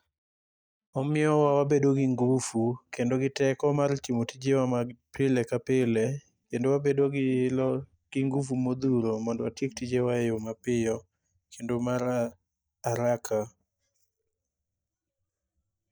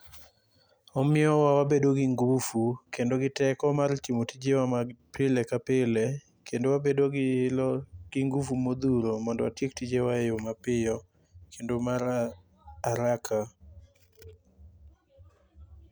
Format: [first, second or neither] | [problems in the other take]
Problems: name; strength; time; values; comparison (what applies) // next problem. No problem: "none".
second | noise reduction (neural mask model DeepFilterNet 3)